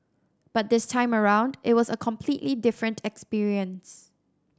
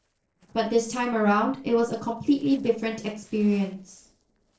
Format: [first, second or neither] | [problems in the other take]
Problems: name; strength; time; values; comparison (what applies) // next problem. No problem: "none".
first | noise reduction (neural separator model SepFormer DNS4)